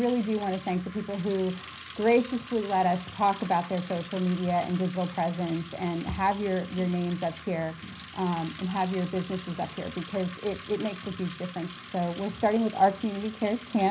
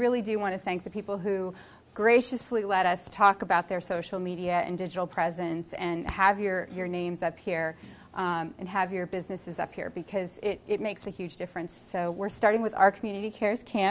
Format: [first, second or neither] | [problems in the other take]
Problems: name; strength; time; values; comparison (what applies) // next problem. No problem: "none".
second | background sound (Bicycle); 17 dB below the speech // room echo; dies away in 0.4 s